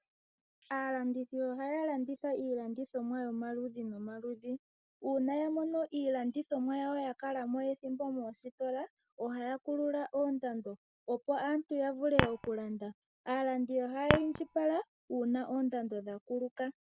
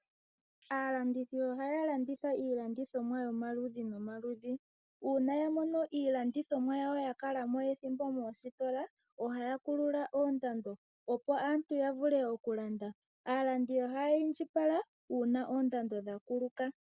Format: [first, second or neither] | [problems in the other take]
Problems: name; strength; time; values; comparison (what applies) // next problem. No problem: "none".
second | background sound (Chink, clink); 2 dB above the speech